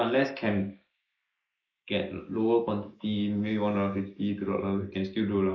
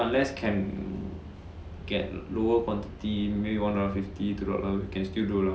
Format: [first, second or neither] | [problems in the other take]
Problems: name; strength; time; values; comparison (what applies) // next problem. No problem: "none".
second | noise reduction (neural mask model Resemble Enhance denoiser)